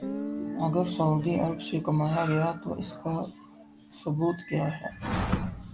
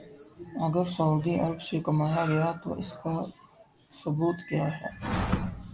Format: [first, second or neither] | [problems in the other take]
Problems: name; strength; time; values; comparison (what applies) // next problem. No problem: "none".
second | background sound (Guitar); 11 dB below the speech